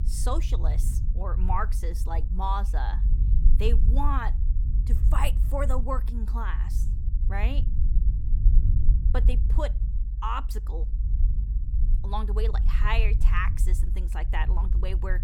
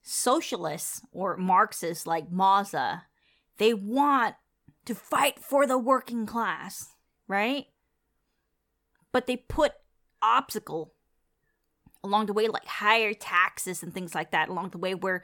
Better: second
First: low rumble; noticeable; throughout; 15 dB below the speech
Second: none

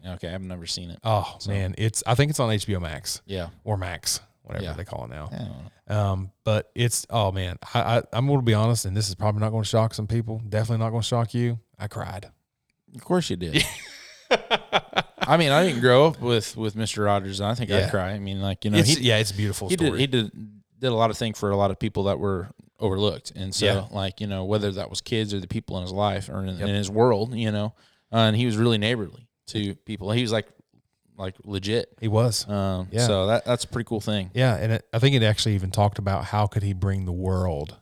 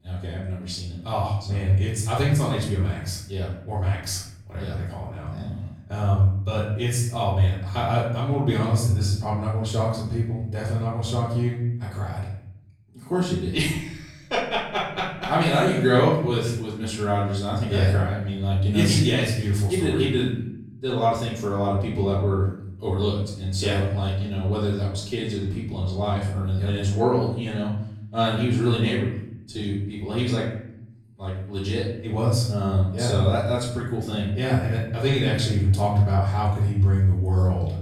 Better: first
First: none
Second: off-mic speech; far // room echo; noticeable; dies away in 0.9 s

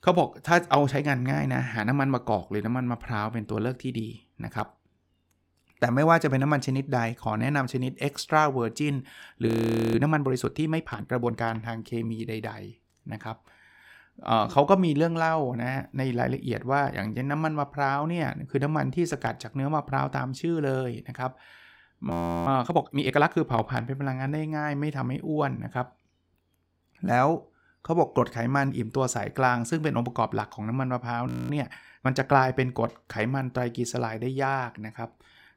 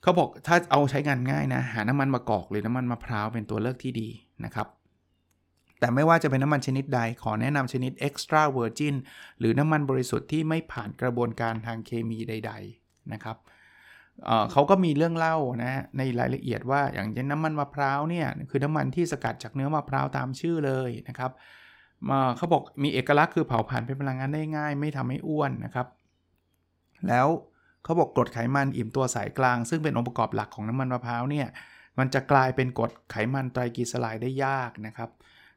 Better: second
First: audio freezing; at 9.5 s, at 22 s and at 31 s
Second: none

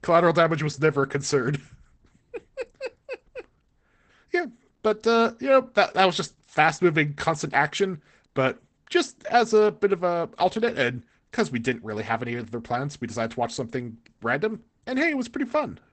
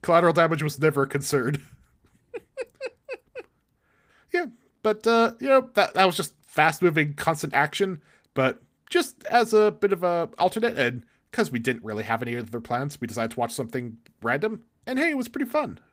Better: second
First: garbled, watery; badly; nothing above 8 kHz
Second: garbled, watery; slightly; nothing above 15.5 kHz

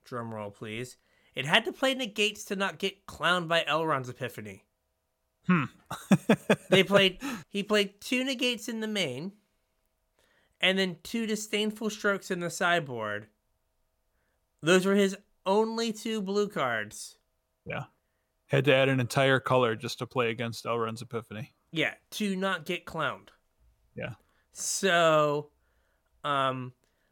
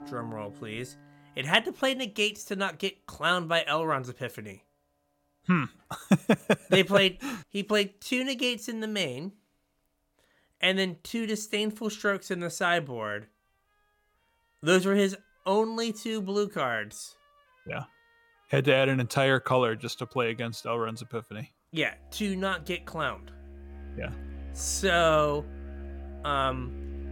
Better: first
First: none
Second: background music; noticeable; throughout; 15 dB below the speech

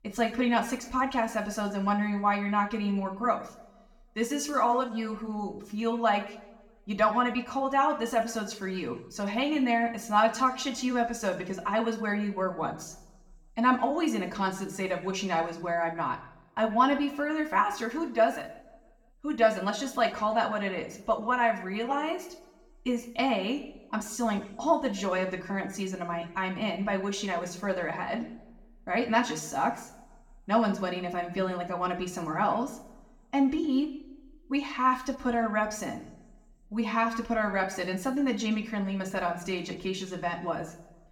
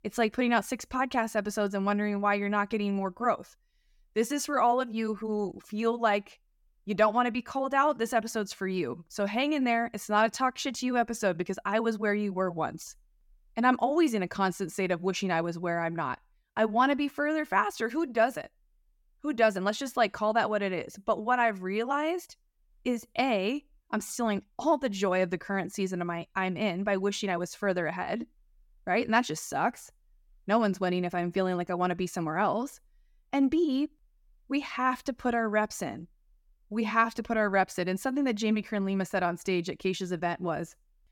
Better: second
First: room echo; slight; dies away in 0.6 s // off-mic speech; somewhat distant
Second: none

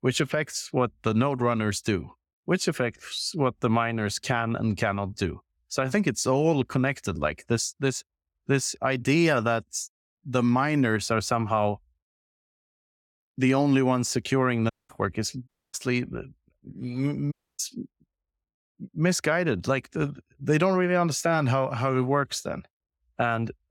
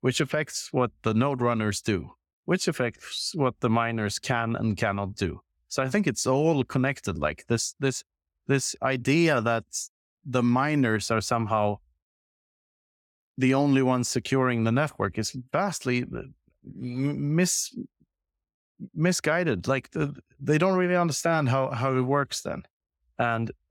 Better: second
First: audio cutting out; at 15 s and at 17 s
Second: none

